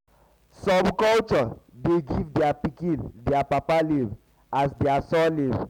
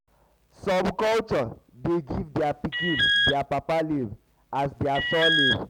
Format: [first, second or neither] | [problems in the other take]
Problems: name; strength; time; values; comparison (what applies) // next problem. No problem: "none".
first | background sound (Alarm); 2 dB above the speech